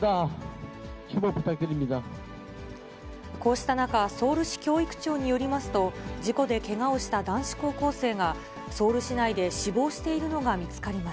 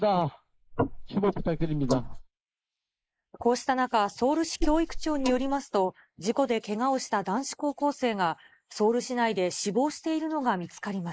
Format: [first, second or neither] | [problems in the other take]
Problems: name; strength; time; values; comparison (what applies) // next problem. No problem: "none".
first | noise reduction (neural mask model Resemble Enhance denoiser)